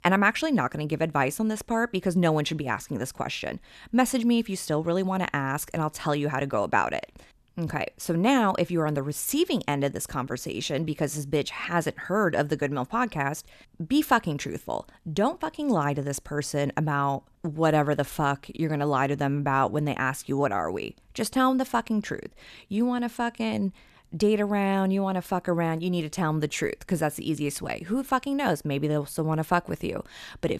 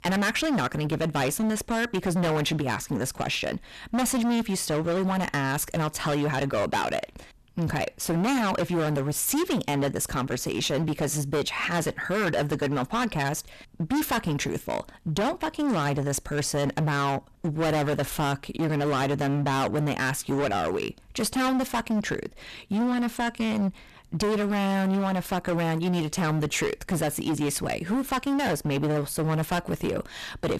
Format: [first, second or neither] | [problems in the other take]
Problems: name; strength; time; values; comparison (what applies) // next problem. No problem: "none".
first | distortion; heavy; 23% of the sound clipped